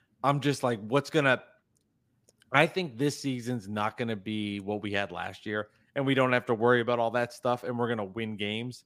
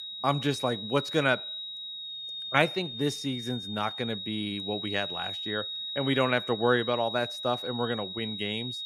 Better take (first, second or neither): first